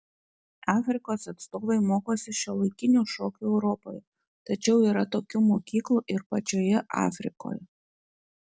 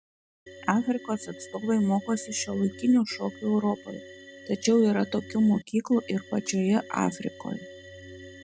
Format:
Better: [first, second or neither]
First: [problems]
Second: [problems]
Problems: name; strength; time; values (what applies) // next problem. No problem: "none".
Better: first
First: none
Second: background sound (Organ); 18 dB below the speech